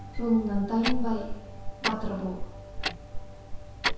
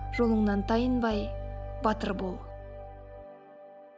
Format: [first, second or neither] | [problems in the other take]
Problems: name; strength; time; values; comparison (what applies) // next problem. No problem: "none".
second | background sound (Clock); as loud as the speech // room echo; dies away in 0.7 s